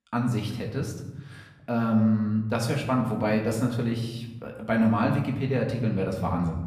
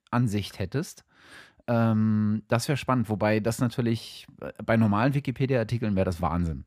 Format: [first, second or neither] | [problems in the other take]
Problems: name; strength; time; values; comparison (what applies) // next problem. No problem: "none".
second | room echo; slight; dies away in 0.9 s // off-mic speech; somewhat distant